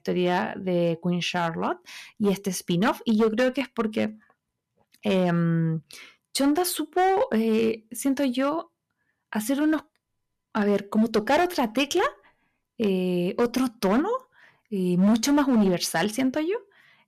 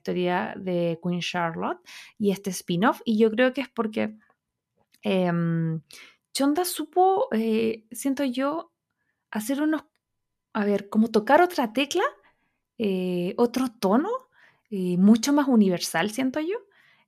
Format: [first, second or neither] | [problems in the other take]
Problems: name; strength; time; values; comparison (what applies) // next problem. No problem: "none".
second | distortion; slight; 5% of the sound clipped